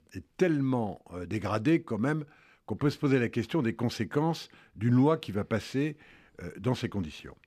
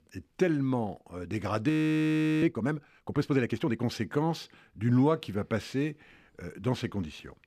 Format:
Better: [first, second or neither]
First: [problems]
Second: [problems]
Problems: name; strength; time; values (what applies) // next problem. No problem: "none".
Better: first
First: none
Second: audio freezing; at 1.5 s for 0.5 s